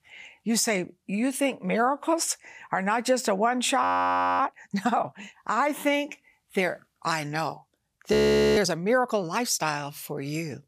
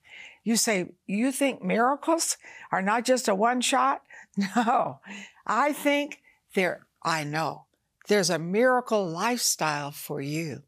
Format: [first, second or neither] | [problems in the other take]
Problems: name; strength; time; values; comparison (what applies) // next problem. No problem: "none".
second | audio freezing; at 4 s for 0.5 s and at 8 s